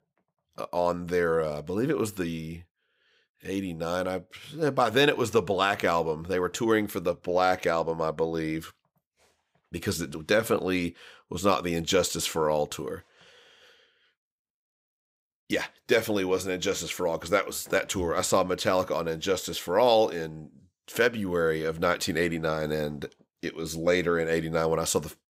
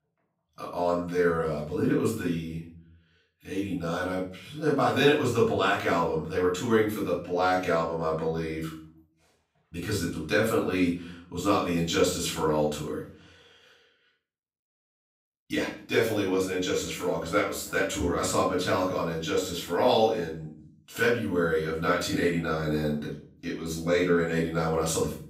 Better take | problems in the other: first | off-mic speech; far // room echo; noticeable; dies away in 0.4 s

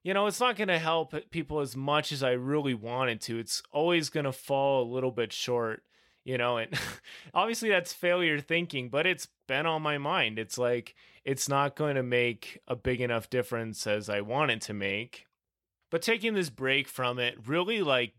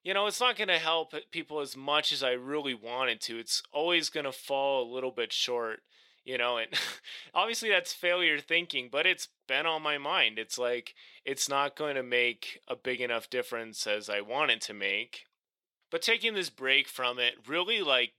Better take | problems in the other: first | thin; somewhat; fading below 350 Hz

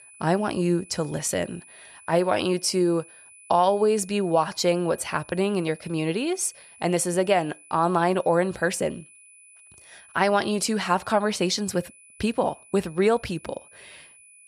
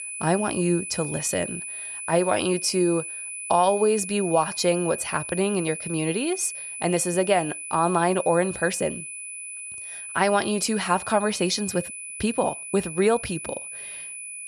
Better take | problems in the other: first | high-pitched whine; loud; throughout; 10 kHz, 8 dB below the speech; faint in the first

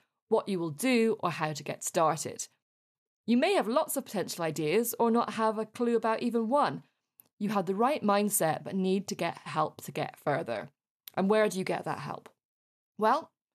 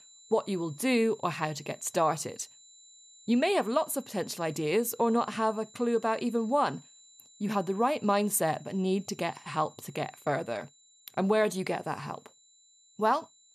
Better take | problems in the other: first | high-pitched whine; faint; throughout; 7 kHz, 25 dB below the speech

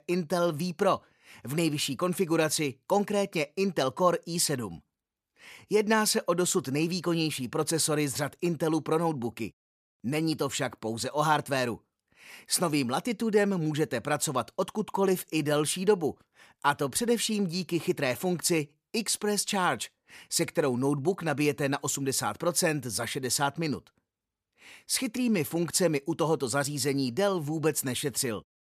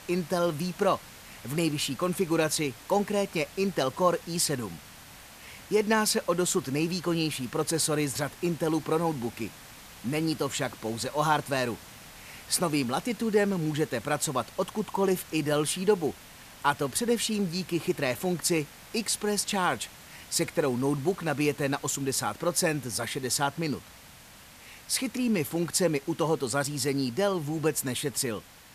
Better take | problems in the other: first | hiss; noticeable; throughout; 20 dB below the speech

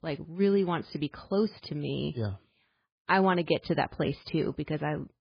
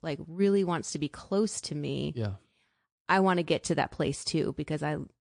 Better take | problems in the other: second | garbled, watery; badly; slightly in the second

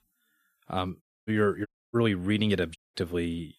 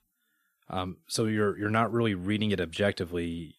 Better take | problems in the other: second | audio cutting out; at 1 s, at 1.5 s and at 3 s

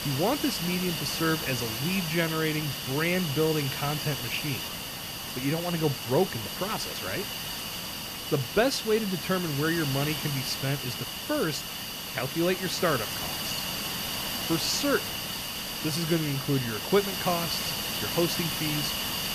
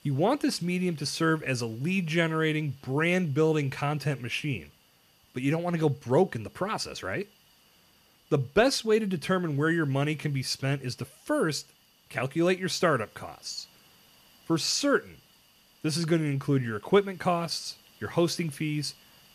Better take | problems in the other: second | hiss; loud; throughout; 2 dB below the speech; faint in the second

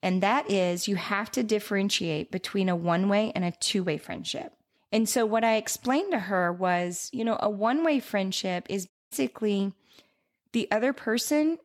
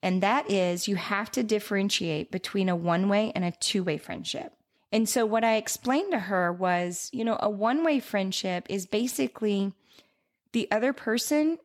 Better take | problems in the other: second | audio cutting out; at 9 s

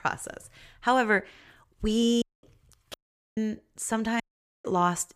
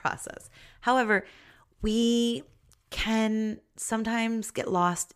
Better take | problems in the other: second | audio cutting out; at 2 s, at 3 s and at 4 s

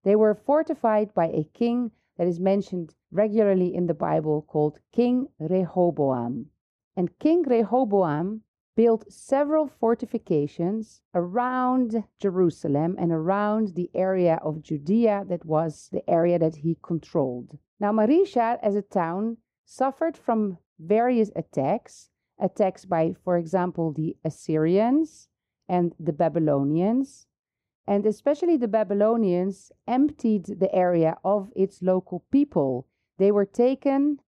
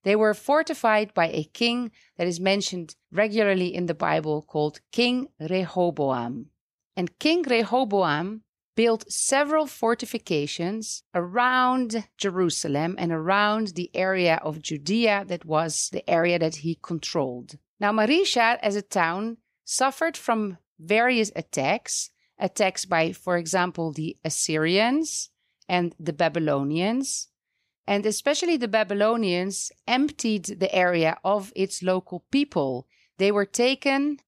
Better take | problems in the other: second | muffled; very; fading above 1.5 kHz

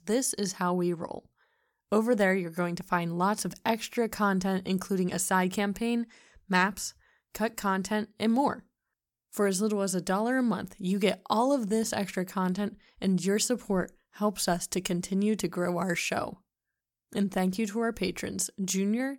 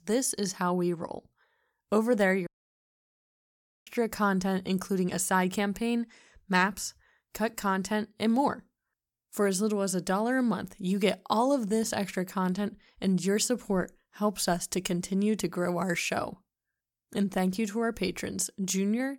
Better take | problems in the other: first | audio cutting out; at 2.5 s for 1.5 s

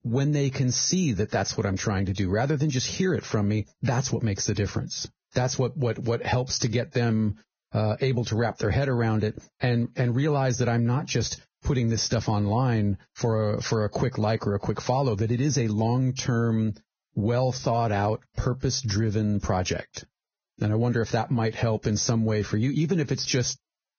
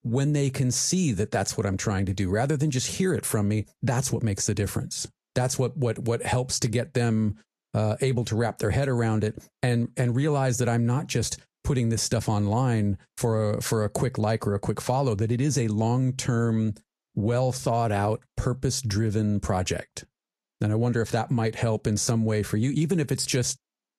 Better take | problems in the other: second | garbled, watery; badly; nothing above 6.5 kHz; slightly in the second

